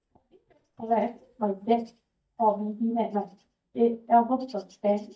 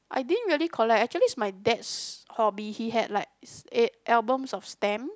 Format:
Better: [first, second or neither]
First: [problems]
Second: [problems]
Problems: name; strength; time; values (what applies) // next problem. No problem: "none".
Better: second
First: noise reduction (neural mask model DeepFilterNet 3)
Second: none